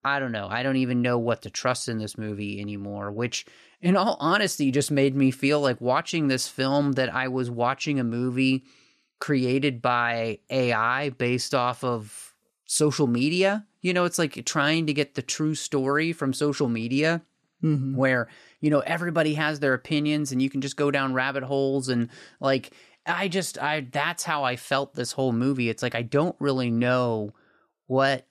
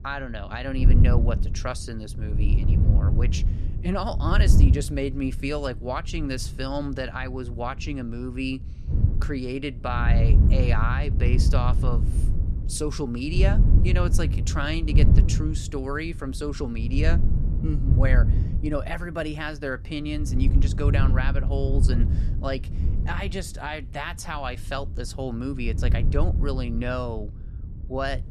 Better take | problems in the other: first | wind noise on the microphone; heavy; 7 dB below the speech

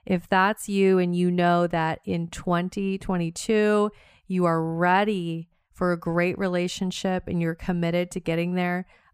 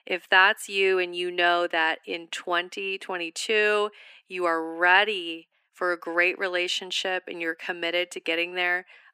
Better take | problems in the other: first | thin; very; fading below 300 Hz

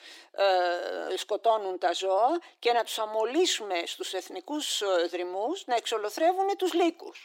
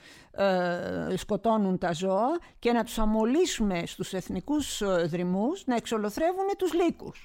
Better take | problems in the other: second | thin; very; fading below 300 Hz

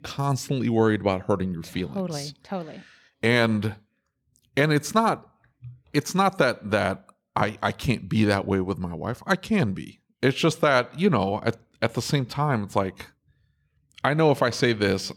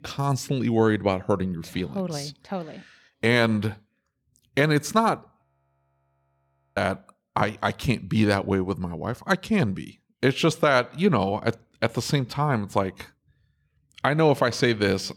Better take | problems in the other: first | audio freezing; at 5.5 s for 1.5 s

